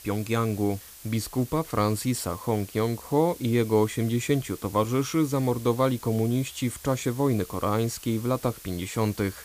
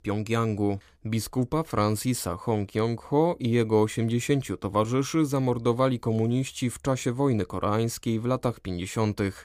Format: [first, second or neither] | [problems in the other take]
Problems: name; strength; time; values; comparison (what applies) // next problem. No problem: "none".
second | hiss; noticeable; throughout; 15 dB below the speech